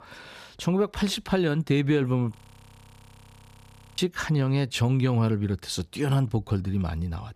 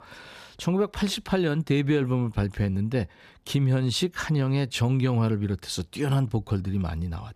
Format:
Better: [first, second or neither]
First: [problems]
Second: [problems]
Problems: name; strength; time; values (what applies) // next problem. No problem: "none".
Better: second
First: audio freezing; at 2.5 s for 1.5 s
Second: none